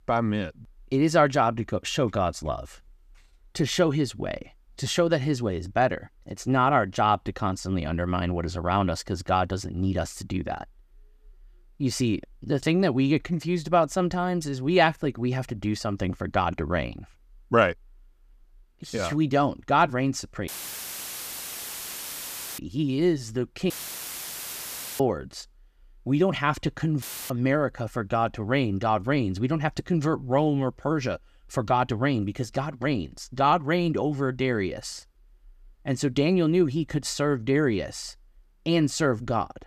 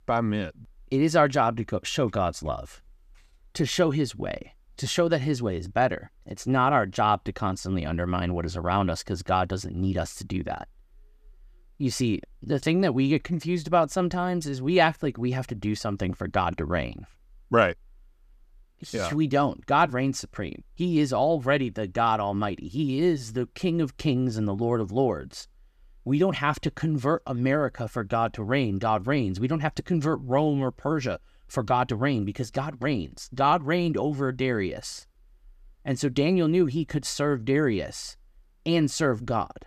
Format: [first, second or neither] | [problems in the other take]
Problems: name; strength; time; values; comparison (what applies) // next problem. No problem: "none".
second | audio cutting out; filled with static; at 20 s for 2 s, at 24 s for 1.5 s and at 27 s